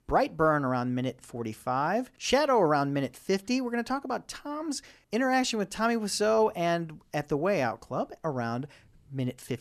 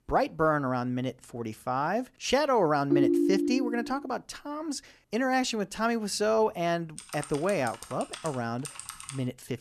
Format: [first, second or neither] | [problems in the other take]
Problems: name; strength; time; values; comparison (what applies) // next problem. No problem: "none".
first | phone ringing; loud; at 3 s; peak 6 dB above the speech // keyboard typing; noticeable; from 7 s on; peak 10 dB below the speech